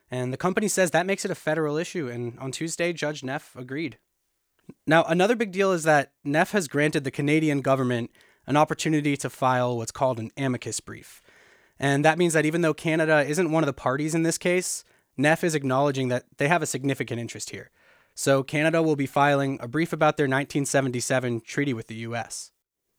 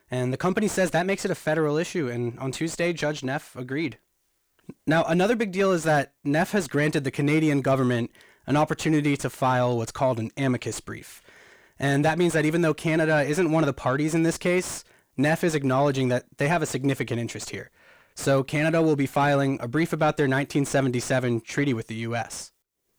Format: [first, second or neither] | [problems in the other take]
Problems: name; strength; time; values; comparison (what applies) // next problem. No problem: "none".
first | distortion; slight; 10 dB below the speech